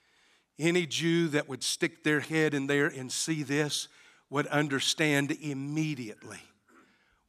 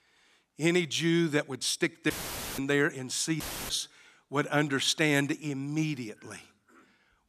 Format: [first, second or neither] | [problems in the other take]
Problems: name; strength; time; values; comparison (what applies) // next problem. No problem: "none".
first | audio cutting out; filled with static; at 2 s and at 3.5 s